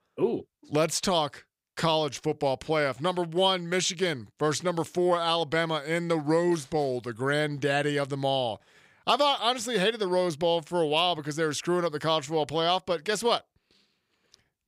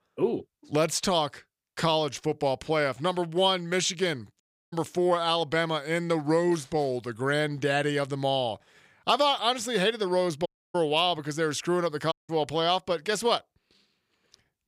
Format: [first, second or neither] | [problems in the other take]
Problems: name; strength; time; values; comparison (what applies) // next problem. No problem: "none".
first | audio cutting out; at 4.5 s, at 10 s and at 12 s